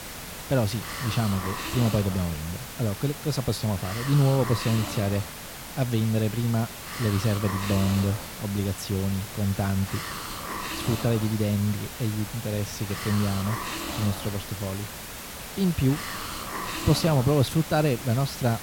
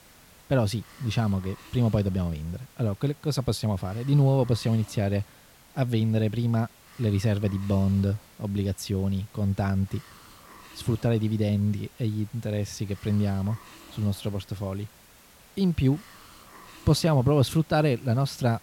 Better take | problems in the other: second | hiss; loud; throughout; 7 dB below the speech; faint in the second

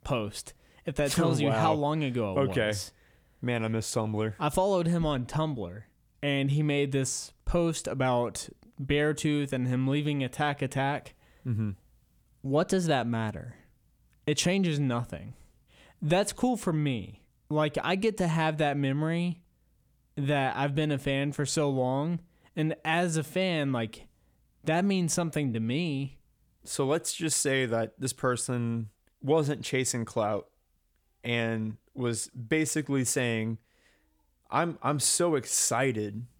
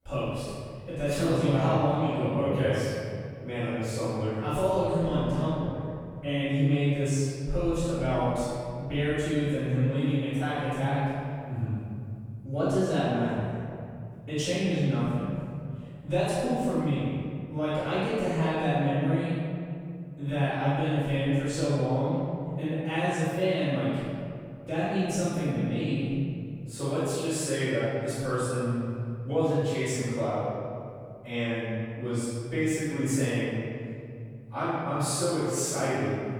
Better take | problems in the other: first | off-mic speech; far // room echo; strong; dies away in 2.6 s

